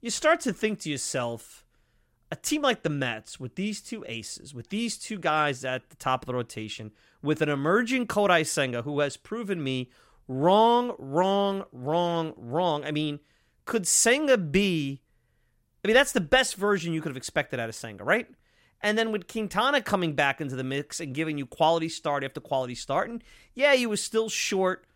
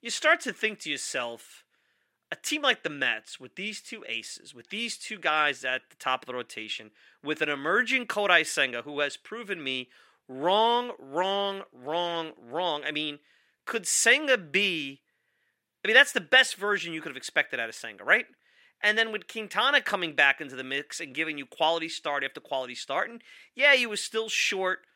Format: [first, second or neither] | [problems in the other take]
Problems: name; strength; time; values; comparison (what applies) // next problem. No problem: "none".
first | thin; somewhat; fading below 300 Hz